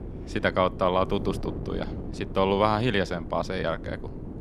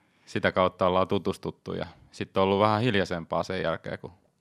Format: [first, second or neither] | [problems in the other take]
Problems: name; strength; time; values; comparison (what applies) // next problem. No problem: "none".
second | wind noise on the microphone; occasional gusts; 15 dB below the speech